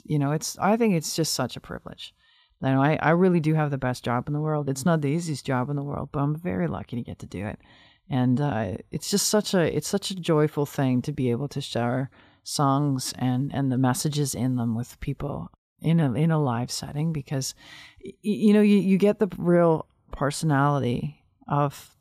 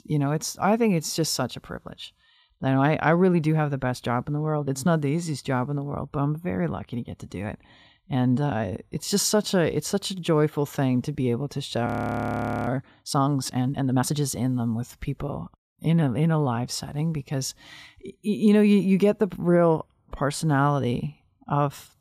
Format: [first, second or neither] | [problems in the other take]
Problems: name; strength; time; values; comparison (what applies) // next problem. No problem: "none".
first | audio freezing; at 12 s for 1 s